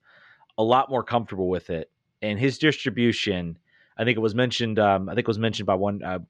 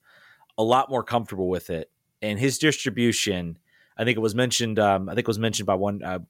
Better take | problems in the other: second | muffled; slightly; fading above 4 kHz

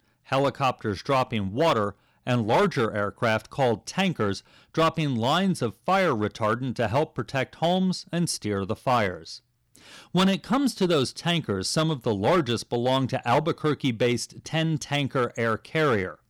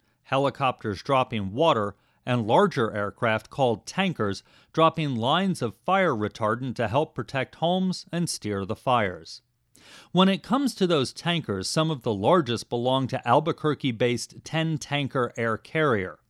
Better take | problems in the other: second | distortion; slight; 5% of the sound clipped

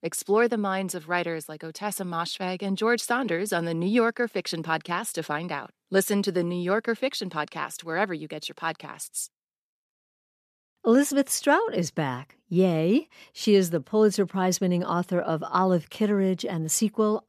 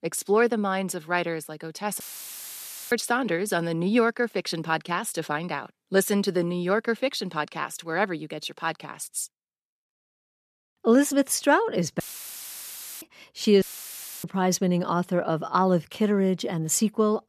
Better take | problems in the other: first | audio cutting out; filled with static; at 2 s for 1 s, at 12 s for 1 s and at 14 s for 0.5 s

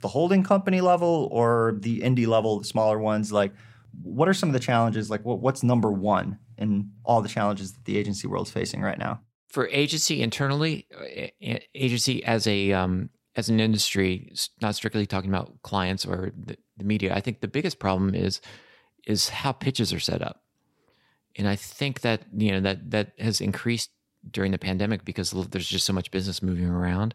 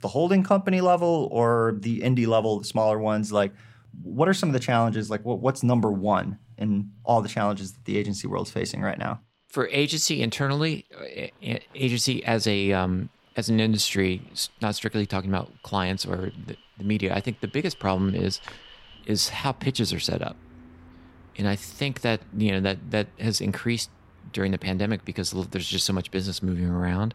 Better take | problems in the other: first | animal sounds; faint; throughout; 25 dB below the speech

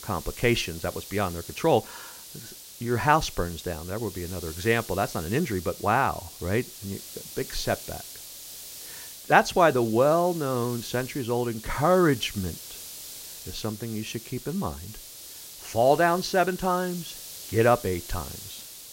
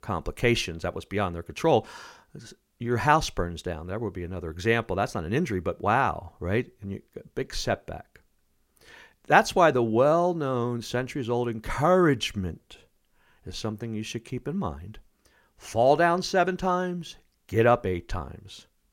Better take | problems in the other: second | hiss; noticeable; throughout; 15 dB below the speech

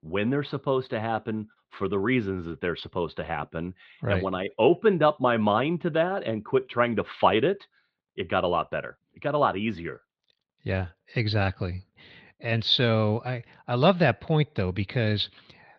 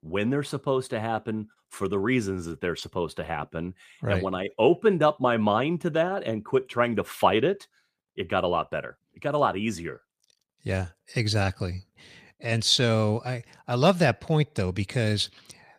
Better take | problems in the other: second | muffled; very slightly; fading above 4 kHz

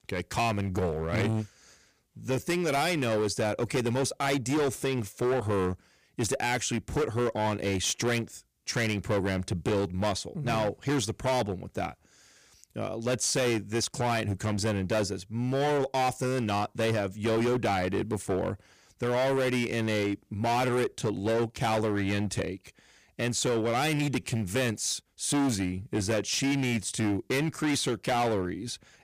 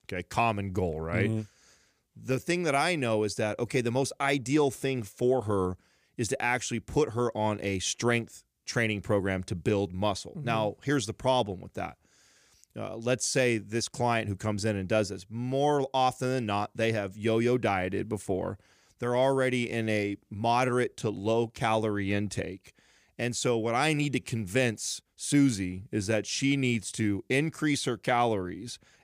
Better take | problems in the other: second | distortion; heavy; 17% of the sound clipped

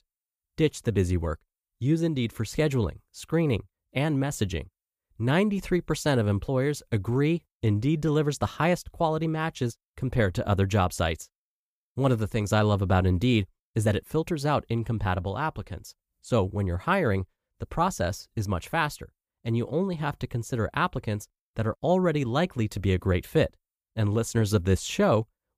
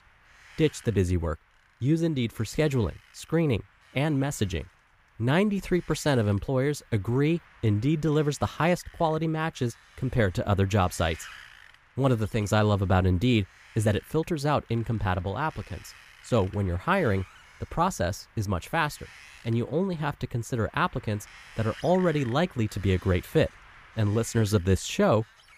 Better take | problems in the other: first | wind noise on the microphone; occasional gusts; 20 dB below the speech

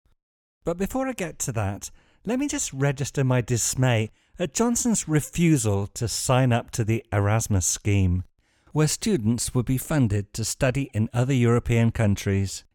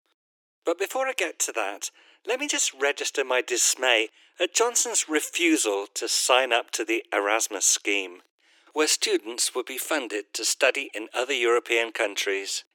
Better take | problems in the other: first | thin; very; fading below 300 Hz

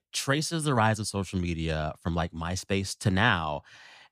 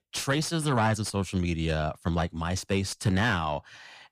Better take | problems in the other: first | distortion; slight; 10 dB below the speech

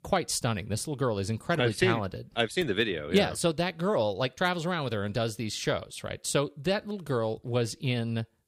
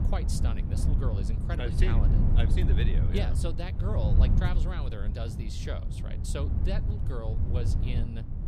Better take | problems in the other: first | low rumble; loud; throughout; 3 dB below the speech

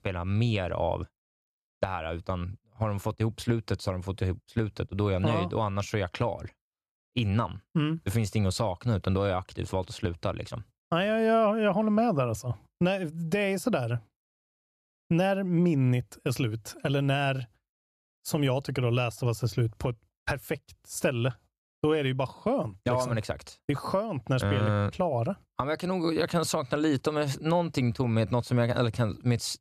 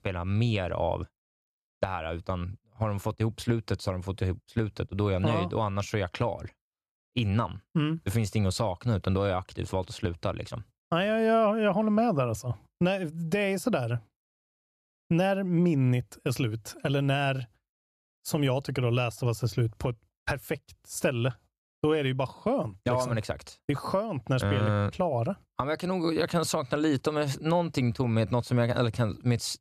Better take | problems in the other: neither | none

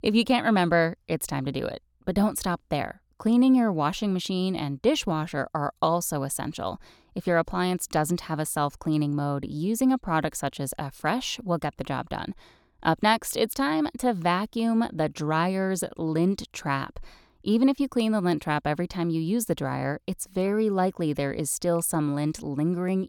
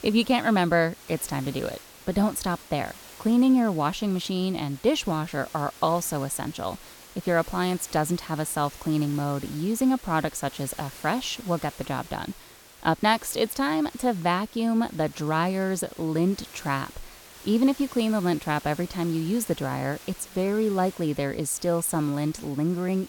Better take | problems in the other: first | hiss; noticeable; throughout; 20 dB below the speech

